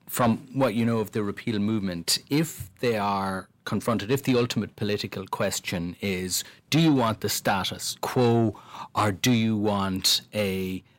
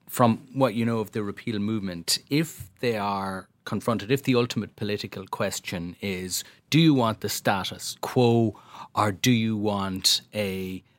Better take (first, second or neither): second